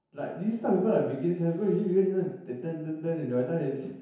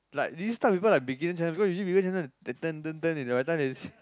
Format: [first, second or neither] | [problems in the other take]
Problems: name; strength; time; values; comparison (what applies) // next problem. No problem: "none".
second | room echo; dies away in 1 s